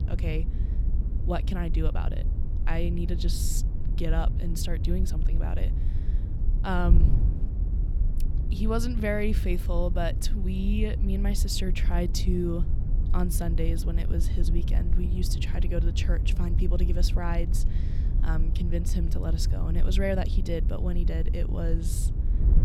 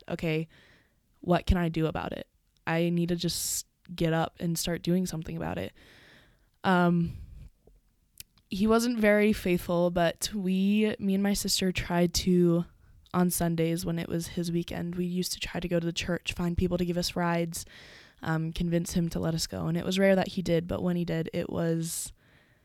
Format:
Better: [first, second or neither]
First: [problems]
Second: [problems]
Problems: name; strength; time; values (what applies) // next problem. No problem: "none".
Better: second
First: wind noise on the microphone; heavy; 10 dB below the speech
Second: none